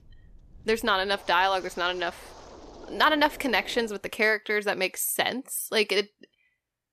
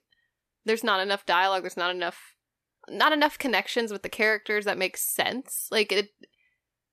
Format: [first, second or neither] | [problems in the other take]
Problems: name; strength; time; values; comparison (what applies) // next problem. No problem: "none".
second | wind noise on the microphone; occasional gusts; until 4 s; 25 dB below the speech